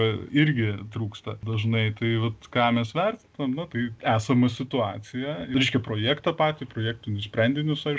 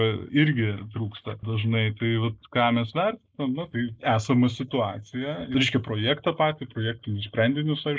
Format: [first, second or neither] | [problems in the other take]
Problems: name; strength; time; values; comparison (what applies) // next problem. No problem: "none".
first | noise reduction (neural mask model Resemble Enhance denoiser)